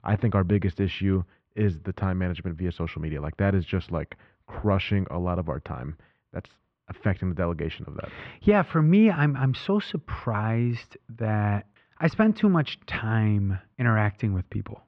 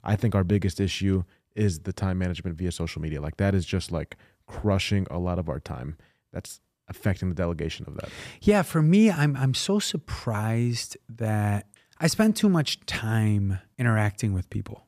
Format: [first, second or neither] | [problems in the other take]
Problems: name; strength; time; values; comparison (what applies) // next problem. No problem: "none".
second | muffled; very; fading above 3 kHz